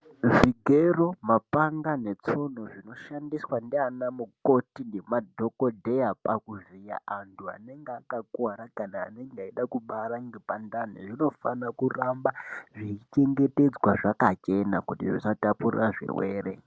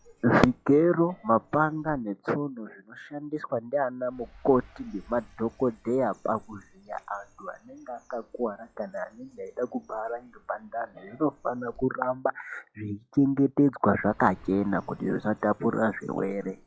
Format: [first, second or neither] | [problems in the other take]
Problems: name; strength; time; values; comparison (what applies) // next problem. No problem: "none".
first | noise reduction (classical method log-MMSE)